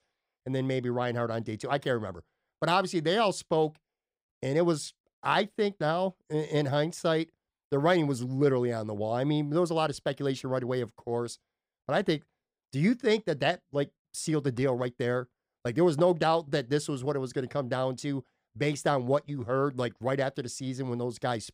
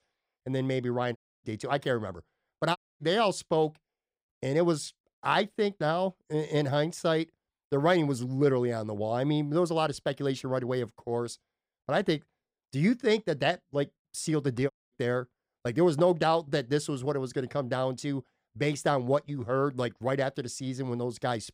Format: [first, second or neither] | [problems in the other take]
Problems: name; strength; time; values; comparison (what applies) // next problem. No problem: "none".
first | audio cutting out; at 1 s, at 3 s and at 15 s